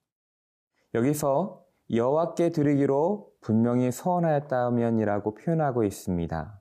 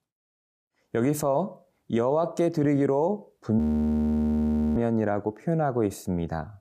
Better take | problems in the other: first | audio freezing; at 3.5 s for 1 s

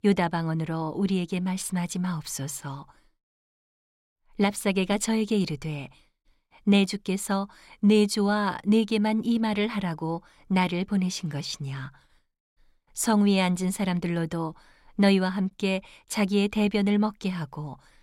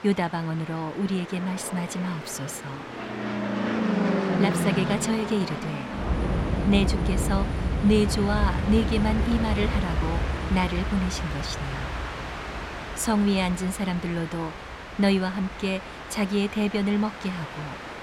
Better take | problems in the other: first | train or aircraft noise; loud; throughout; 3 dB below the speech

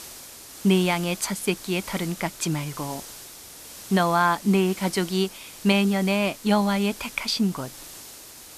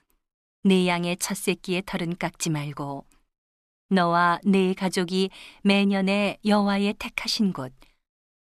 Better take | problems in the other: second | hiss; noticeable; throughout; 15 dB below the speech

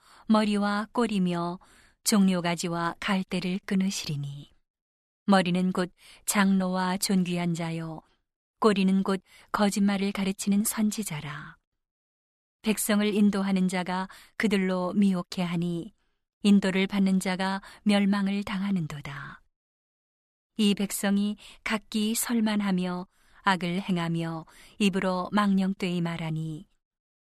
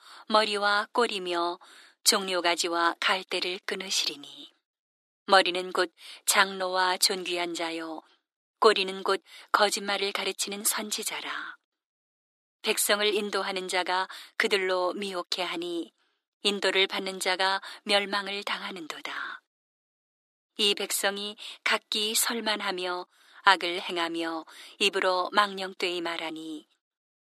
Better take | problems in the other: first | thin; very; fading below 300 Hz

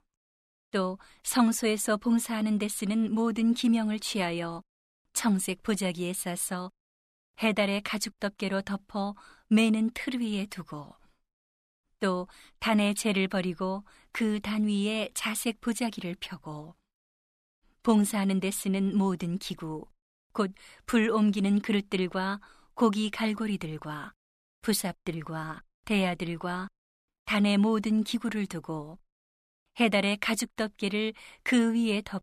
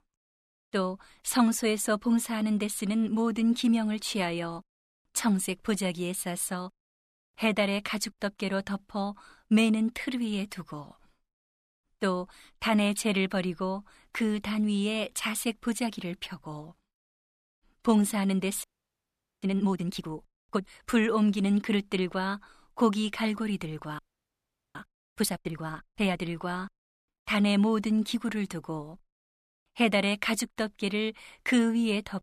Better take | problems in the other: first | audio freezing; at 19 s for 1 s and at 24 s for 1 s

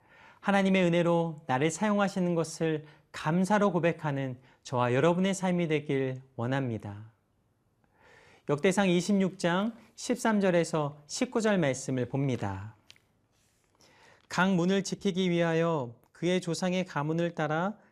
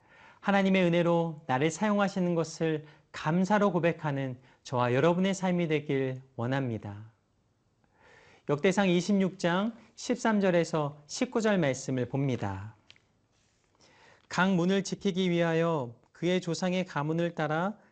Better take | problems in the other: first | garbled, watery; slightly; nothing above 8 kHz

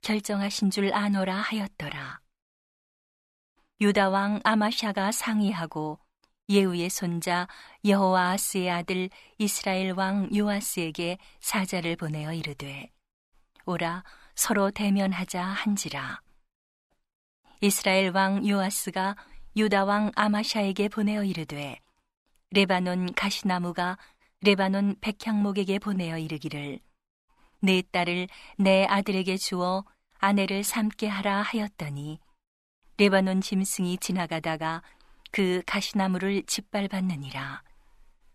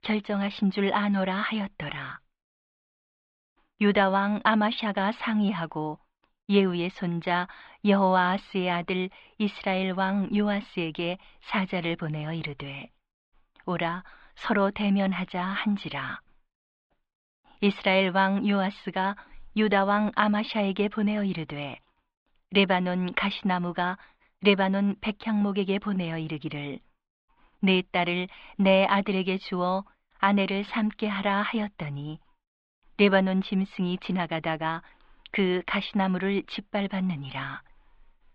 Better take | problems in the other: first | muffled; very; fading above 3.5 kHz

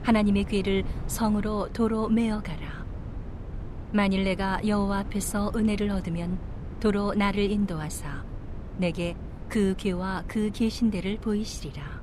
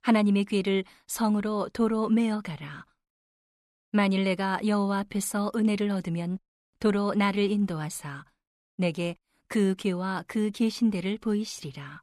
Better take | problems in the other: second | wind noise on the microphone; occasional gusts; 15 dB below the speech

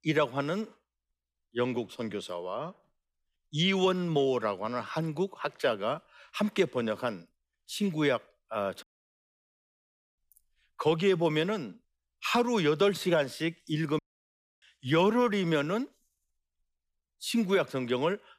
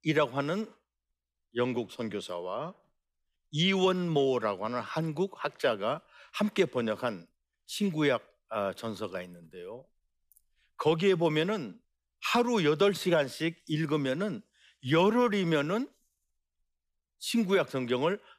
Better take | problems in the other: second | audio cutting out; at 9 s for 1.5 s and at 14 s for 0.5 s

